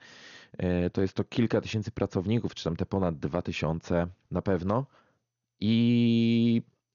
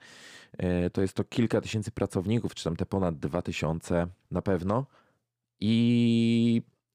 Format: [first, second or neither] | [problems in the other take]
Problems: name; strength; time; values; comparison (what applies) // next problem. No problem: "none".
second | garbled, watery; slightly; nothing above 6.5 kHz